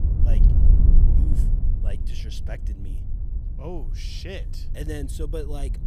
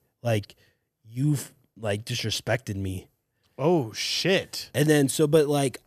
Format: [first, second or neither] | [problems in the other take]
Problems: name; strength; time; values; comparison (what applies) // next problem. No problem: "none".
second | wind noise on the microphone; heavy; 3 dB below the speech